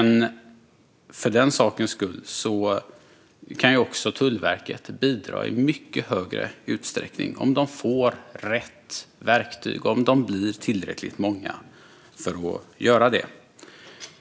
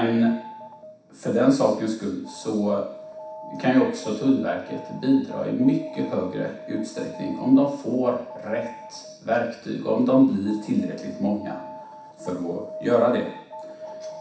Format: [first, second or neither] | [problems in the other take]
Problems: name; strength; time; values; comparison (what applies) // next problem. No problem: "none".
first | background sound (Alarm); 16 dB below the speech // room echo; dies away in 0.7 s